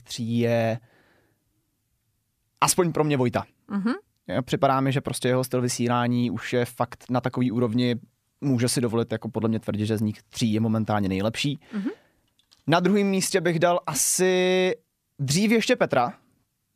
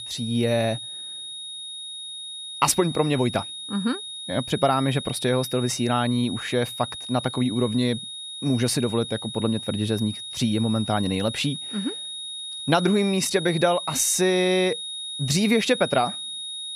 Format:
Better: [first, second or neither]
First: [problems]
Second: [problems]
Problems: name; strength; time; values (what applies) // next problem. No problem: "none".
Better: first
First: none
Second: high-pitched whine; loud; throughout; 3.5 kHz, 8 dB below the speech